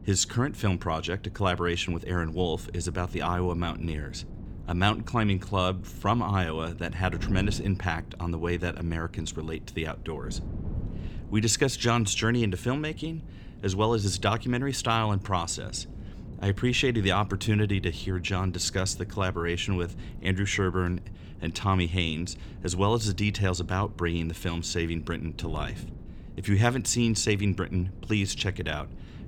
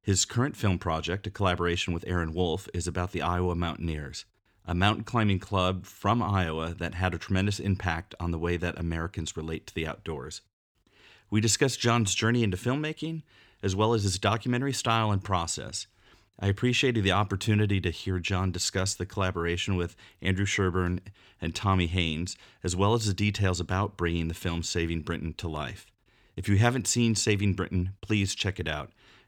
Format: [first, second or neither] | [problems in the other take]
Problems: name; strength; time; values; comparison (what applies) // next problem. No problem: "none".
second | wind noise on the microphone; occasional gusts; 20 dB below the speech